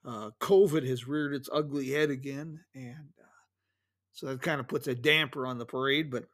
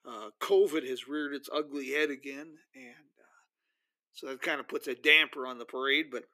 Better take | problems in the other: first | thin; very slightly; fading below 300 Hz

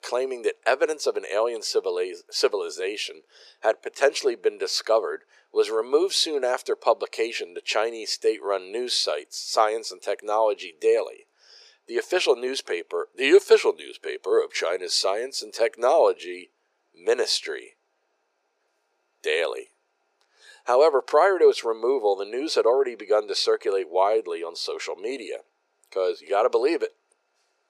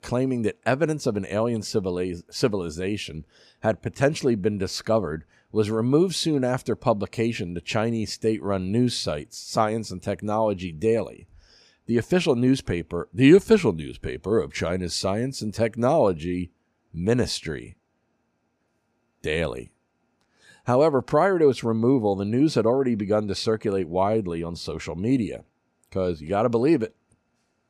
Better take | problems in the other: second | thin; very; fading below 400 Hz

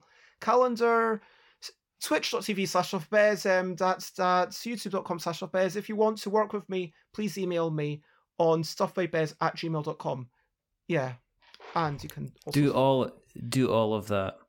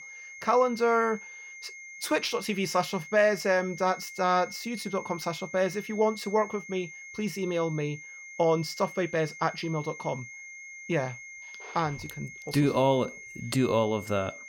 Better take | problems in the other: first | high-pitched whine; noticeable; throughout; 2 kHz, 15 dB below the speech

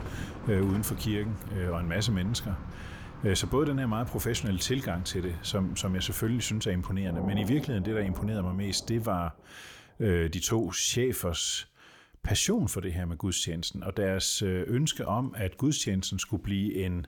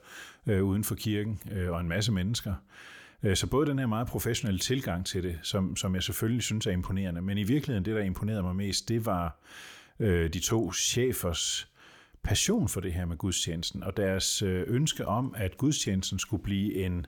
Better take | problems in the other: second | rain or running water; noticeable; until 10 s; 15 dB below the speech

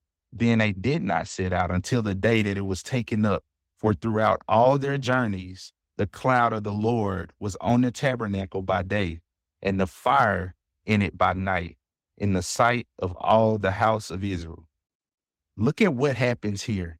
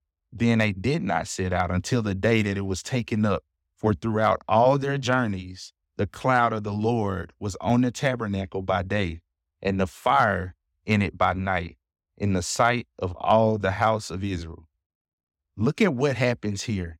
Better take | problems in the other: second | garbled, watery; slightly; nothing above 16.5 kHz

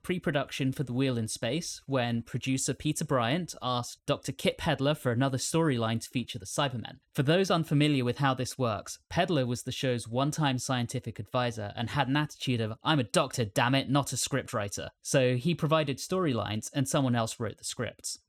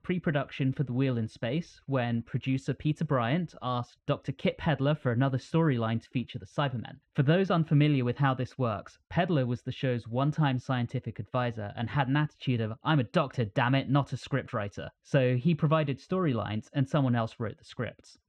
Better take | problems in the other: first | muffled; very; fading above 2 kHz

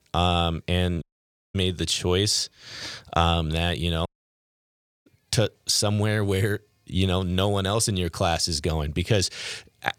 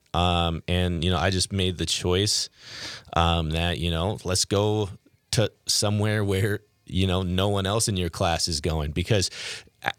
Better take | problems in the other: second | audio cutting out; at 1 s for 0.5 s and at 4 s for 1 s

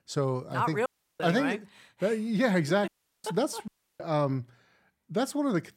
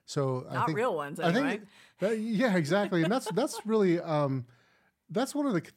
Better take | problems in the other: second | audio cutting out; at 1 s, at 3 s and at 3.5 s

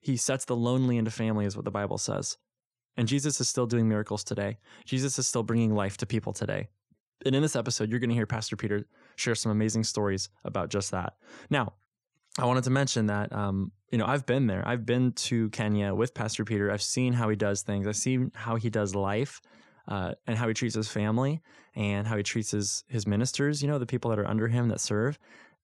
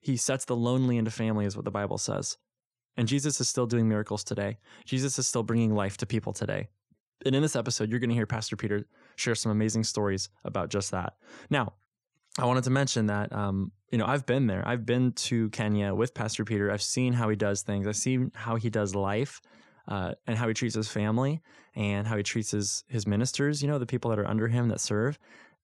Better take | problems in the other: neither | none

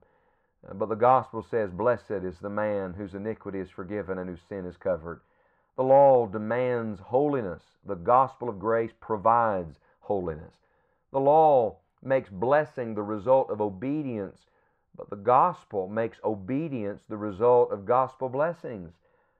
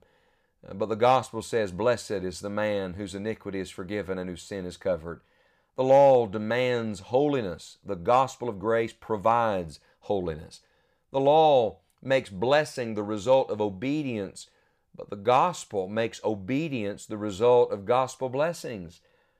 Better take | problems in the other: second | muffled; very; fading above 3 kHz

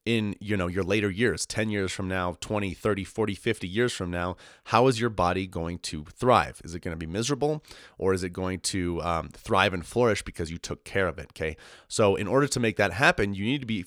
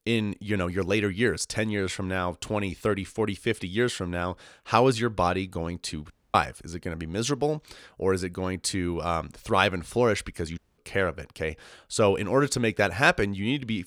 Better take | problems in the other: first | audio cutting out; at 6 s and at 11 s

